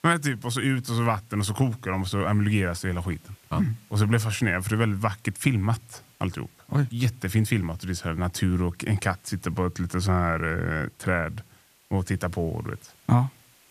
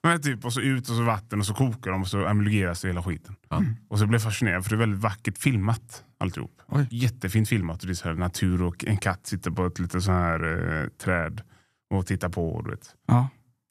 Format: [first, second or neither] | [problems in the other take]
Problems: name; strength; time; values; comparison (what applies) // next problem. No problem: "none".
second | hiss; faint; throughout; 30 dB below the speech